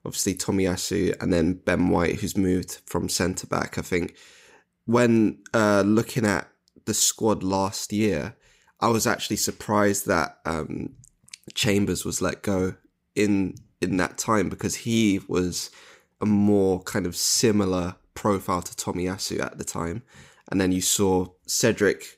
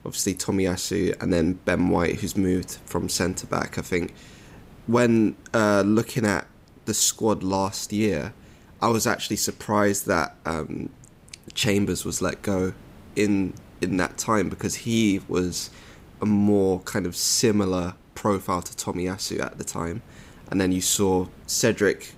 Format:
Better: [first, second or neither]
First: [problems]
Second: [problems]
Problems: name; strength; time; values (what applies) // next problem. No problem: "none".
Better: first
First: none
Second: hiss; faint; throughout; 25 dB below the speech